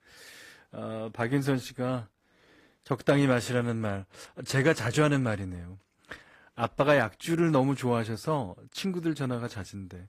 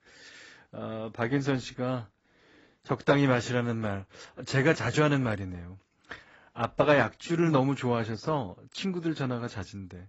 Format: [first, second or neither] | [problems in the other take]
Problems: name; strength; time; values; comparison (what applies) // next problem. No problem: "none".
first | garbled, watery; badly; nothing above 7.5 kHz; slightly in the first